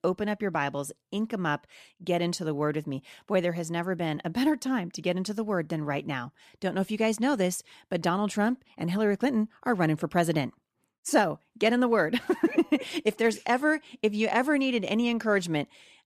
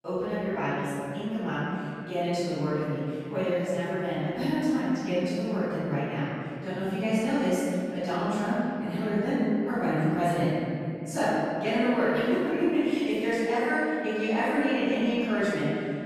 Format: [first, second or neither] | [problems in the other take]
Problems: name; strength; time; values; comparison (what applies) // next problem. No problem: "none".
first | off-mic speech; far // room echo; strong; dies away in 2.6 s